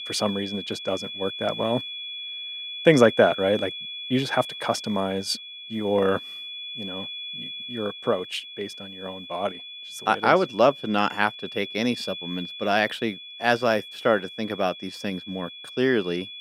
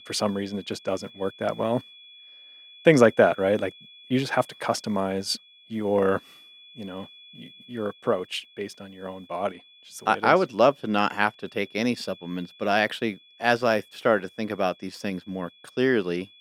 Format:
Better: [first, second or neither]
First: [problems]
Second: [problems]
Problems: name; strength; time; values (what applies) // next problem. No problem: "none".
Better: second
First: high-pitched whine; loud; throughout; 3.5 kHz, 10 dB below the speech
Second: high-pitched whine; faint; throughout; 3.5 kHz, 25 dB below the speech